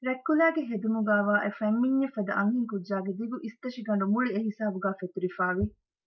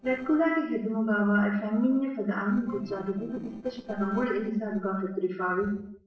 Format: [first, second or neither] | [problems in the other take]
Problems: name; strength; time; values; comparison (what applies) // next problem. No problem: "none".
first | noise reduction (neural separator model SepFormer DNS4)